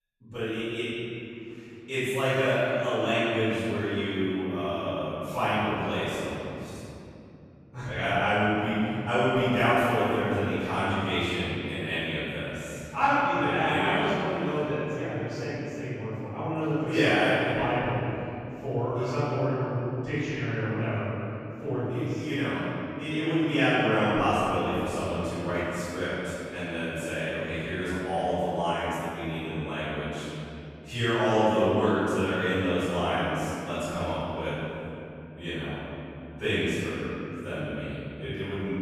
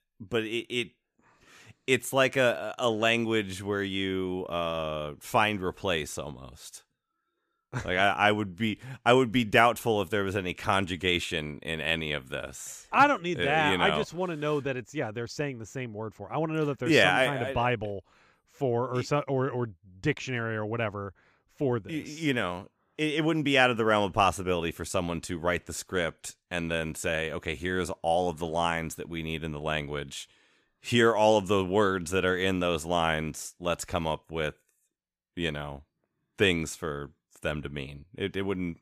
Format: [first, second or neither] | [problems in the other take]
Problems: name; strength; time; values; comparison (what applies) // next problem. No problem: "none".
second | room echo; strong; dies away in 3 s // off-mic speech; far